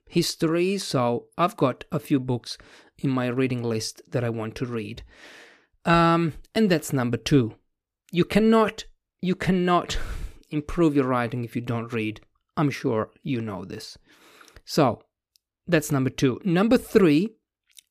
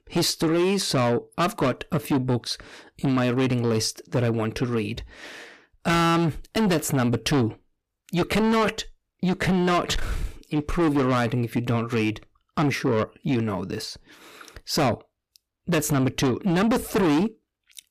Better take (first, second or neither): first